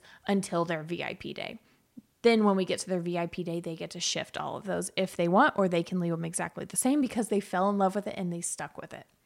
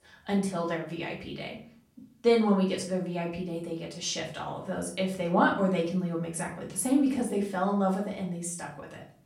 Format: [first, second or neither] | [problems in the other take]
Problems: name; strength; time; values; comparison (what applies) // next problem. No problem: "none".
first | off-mic speech; far // room echo; slight; dies away in 0.4 s